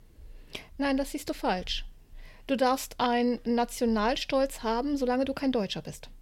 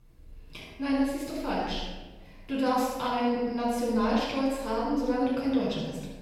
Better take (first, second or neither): first